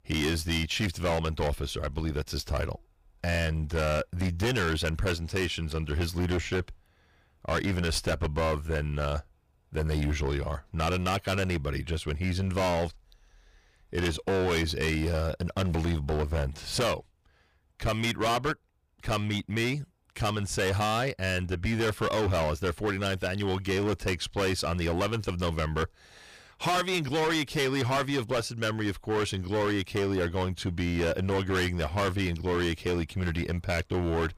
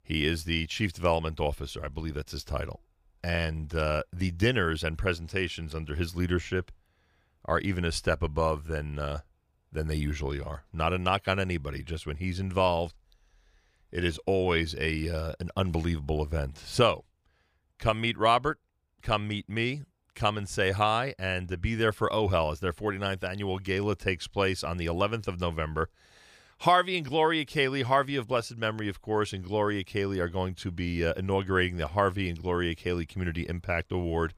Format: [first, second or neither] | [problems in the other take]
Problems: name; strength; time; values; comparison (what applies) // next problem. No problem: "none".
second | distortion; heavy; 17% of the sound clipped